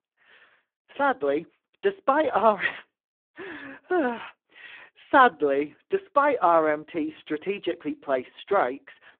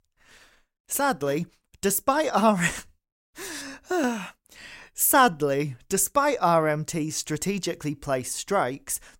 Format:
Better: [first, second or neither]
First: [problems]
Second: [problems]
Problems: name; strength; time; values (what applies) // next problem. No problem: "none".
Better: second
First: phone-call audio; poor line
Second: none